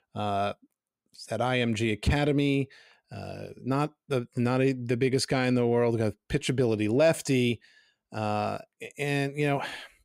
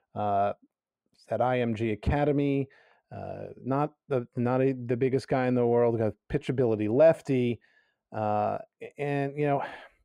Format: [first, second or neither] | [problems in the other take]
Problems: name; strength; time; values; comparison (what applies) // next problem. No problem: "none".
first | muffled; very; fading above 3 kHz